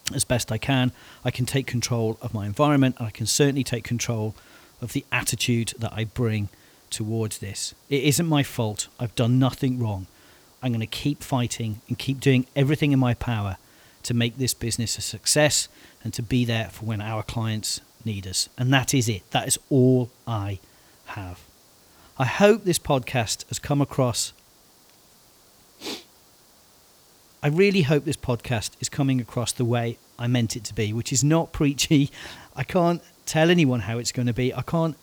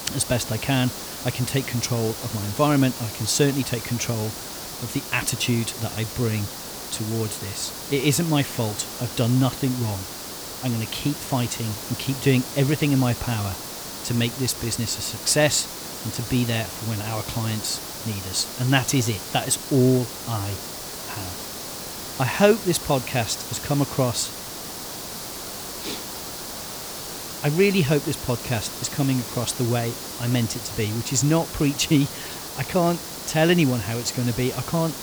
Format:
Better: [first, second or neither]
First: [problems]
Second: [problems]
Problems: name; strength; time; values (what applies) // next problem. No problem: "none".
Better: first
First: hiss; faint; throughout; 30 dB below the speech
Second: hiss; loud; throughout; 8 dB below the speech